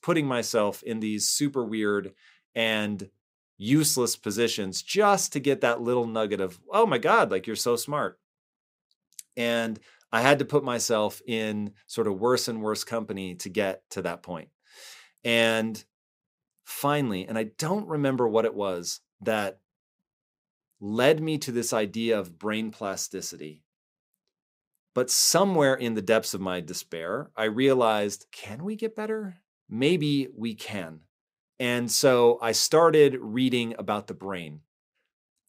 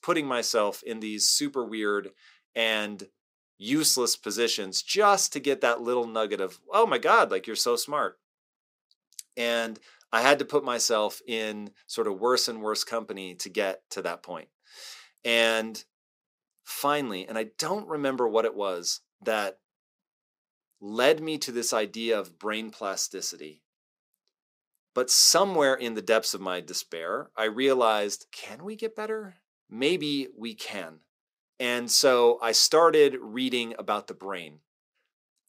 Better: first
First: none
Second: thin; very slightly; fading below 300 Hz

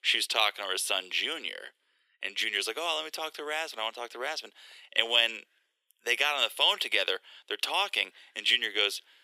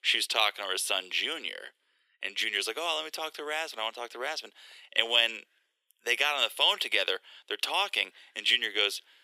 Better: neither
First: thin; very; fading below 350 Hz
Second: thin; very; fading below 350 Hz

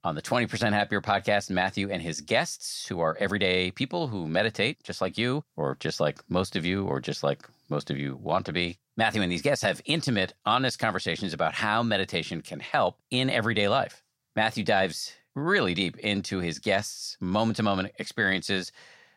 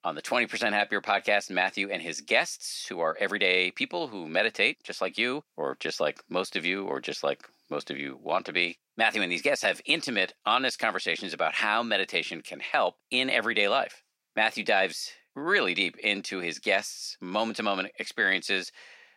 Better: first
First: none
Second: thin; very slightly; fading below 250 Hz

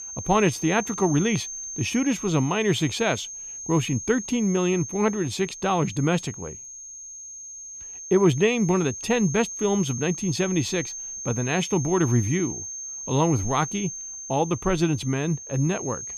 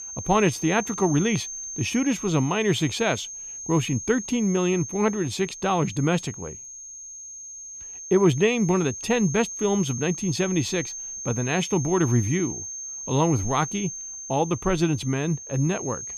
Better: neither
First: high-pitched whine; loud; throughout; 6.5 kHz, 9 dB below the speech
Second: high-pitched whine; loud; throughout; 6.5 kHz, 9 dB below the speech

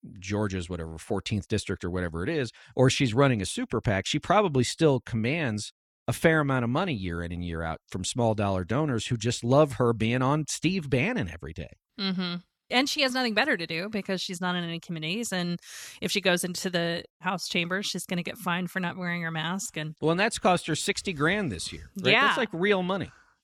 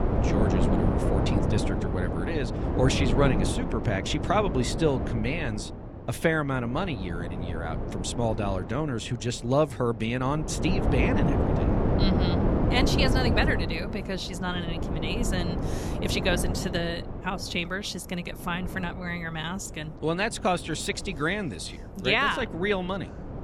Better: first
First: none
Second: wind noise on the microphone; heavy; 4 dB below the speech

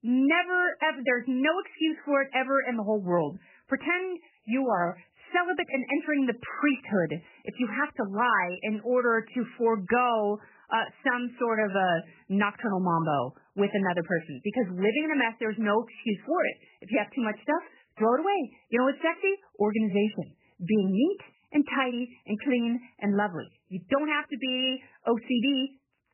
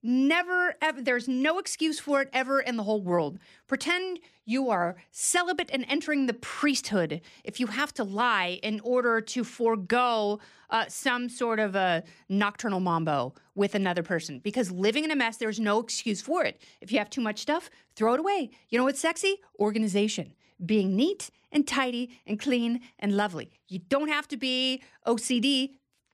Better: second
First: garbled, watery; badly; nothing above 3 kHz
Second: none

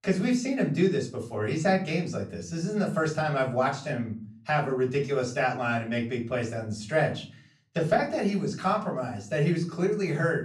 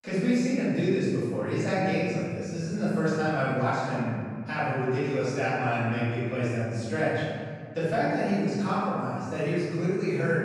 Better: first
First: room echo; slight; dies away in 0.4 s // off-mic speech; far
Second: room echo; strong; dies away in 2 s // off-mic speech; far

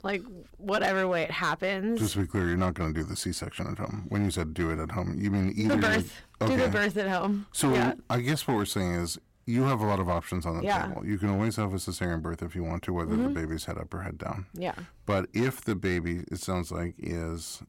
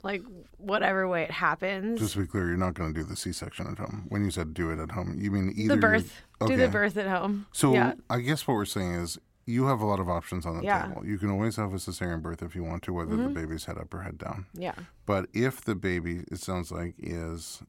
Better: second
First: distortion; slight; 5% of the sound clipped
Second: none

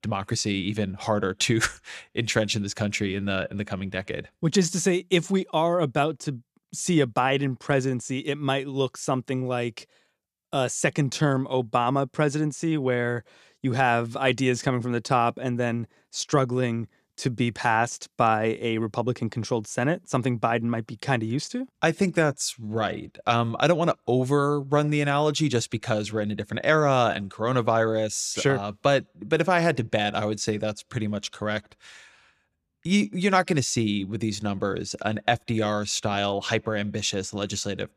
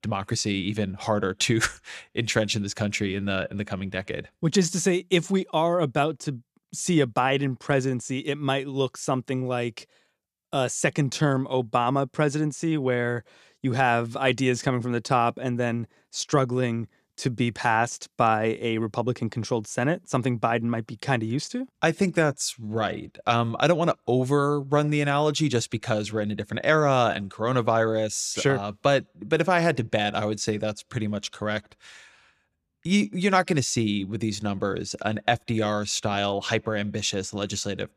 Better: neither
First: none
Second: none

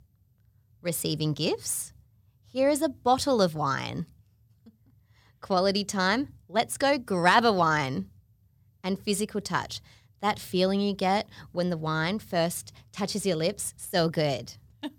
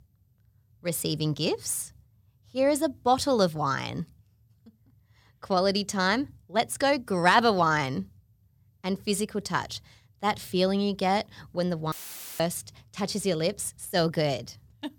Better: first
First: none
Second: audio cutting out; filled with static; at 12 s

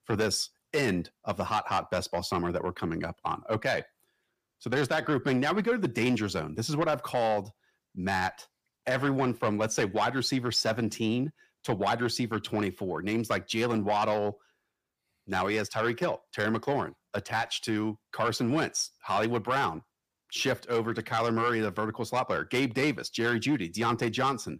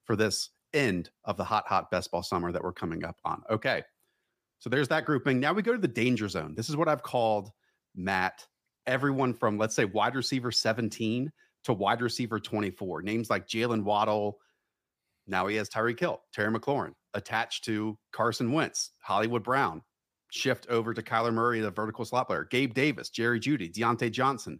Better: second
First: distortion; slight; 10 dB below the speech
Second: none

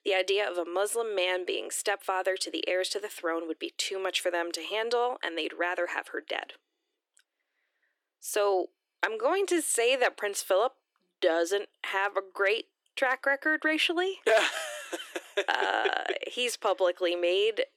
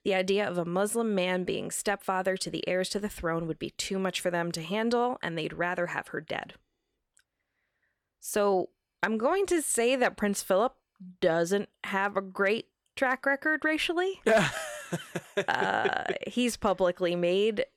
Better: second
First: thin; very; fading below 300 Hz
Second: none

